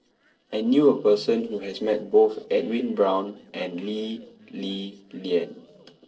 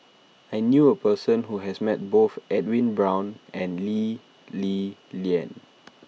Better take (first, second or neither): second